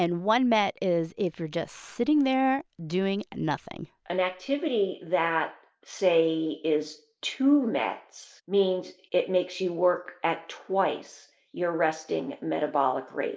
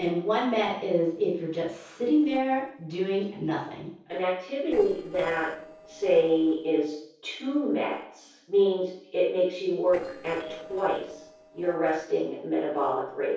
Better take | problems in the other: first | noise reduction (neural separator model SepFormer DNS4)

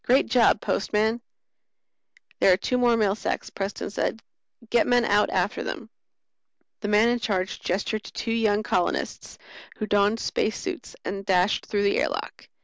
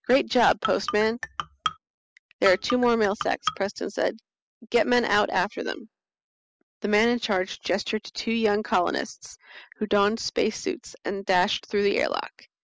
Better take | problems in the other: first | noise reduction (classical method spectral subtraction)

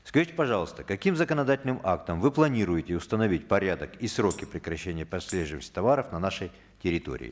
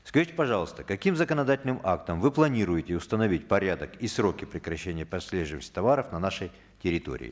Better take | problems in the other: second | background sound (Tambourine); 17 dB below the speech

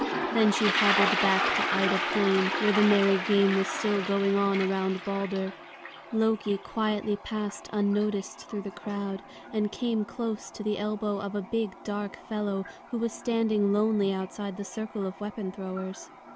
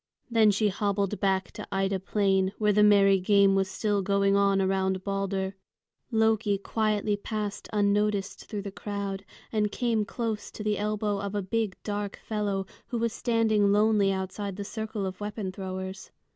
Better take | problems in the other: second | background sound (Toilet flush); 6 dB below the speech

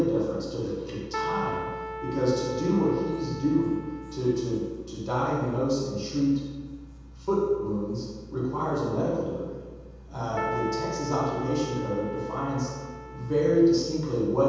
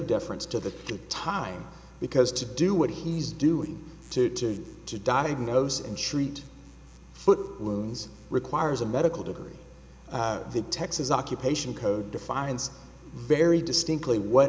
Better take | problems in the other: second | background sound (Keyboard (musical)); 9 dB below the speech // room echo; dies away in 1.2 s

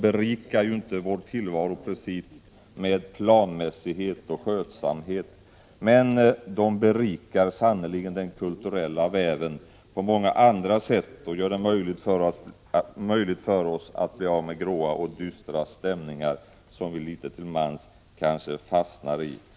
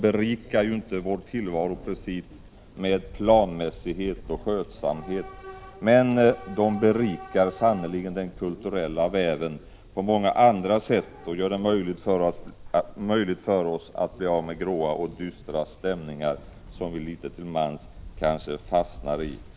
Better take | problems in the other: first | background sound (Subway, metro, underground / Train); 18 dB below the speech

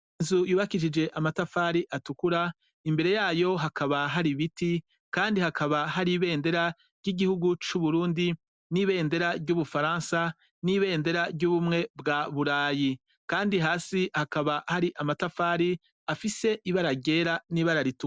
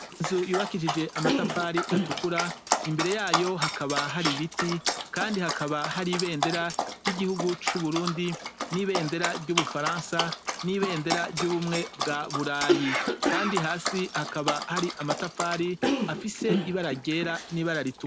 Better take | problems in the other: first | background sound (Dog + Cough); 1 dB below the speech

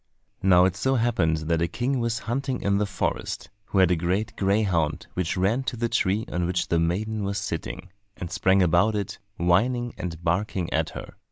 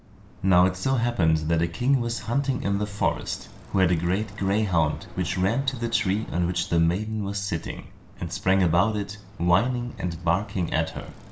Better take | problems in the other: first | background sound (Bicycle); 19 dB below the speech // room echo; dies away in 0.4 s

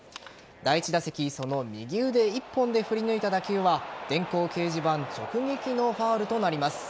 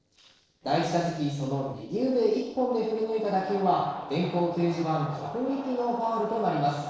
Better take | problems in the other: first | noise reduction (neural separator model SepFormer DNS4)

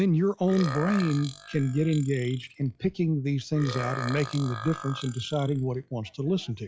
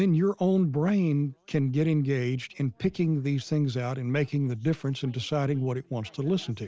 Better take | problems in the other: second | noise reduction (classical method log-MMSE)

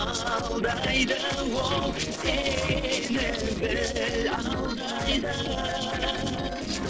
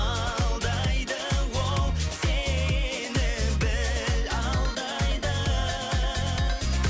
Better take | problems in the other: second | noise reduction (neural separator model SepFormer DNS4)

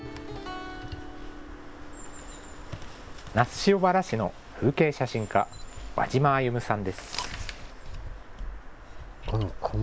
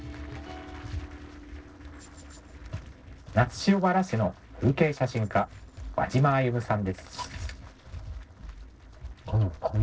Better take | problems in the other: first | noise reduction (neural separator model SepFormer DNS4)

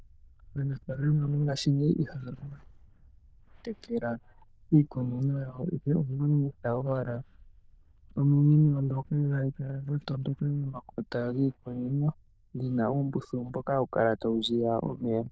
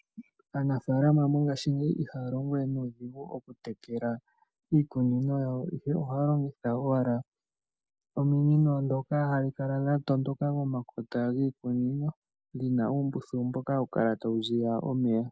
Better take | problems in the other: second | noise reduction (neural diffusion model UNIVERSE++)

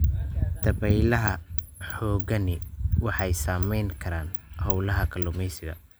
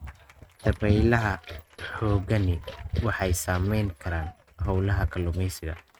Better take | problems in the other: first | noise reduction (neural mask model RNNoise)

